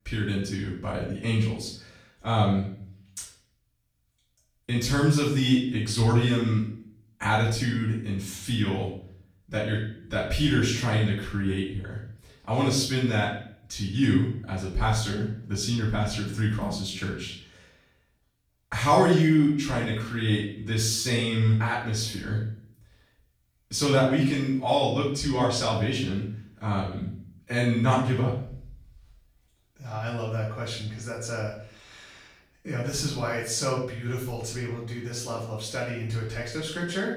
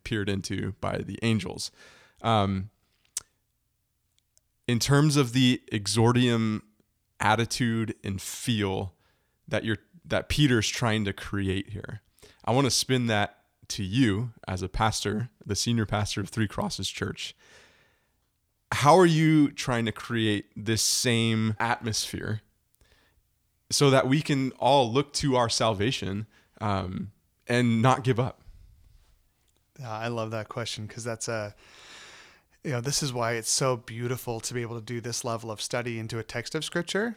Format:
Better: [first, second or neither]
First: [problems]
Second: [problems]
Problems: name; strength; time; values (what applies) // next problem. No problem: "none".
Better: second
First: off-mic speech; far // room echo; noticeable; dies away in 0.5 s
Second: none